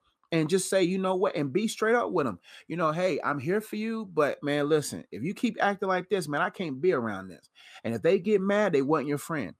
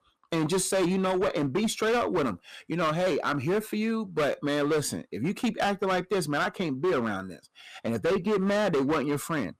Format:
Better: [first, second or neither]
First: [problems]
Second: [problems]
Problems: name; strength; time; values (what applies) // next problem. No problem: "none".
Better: first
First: none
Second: distortion; heavy; 16% of the sound clipped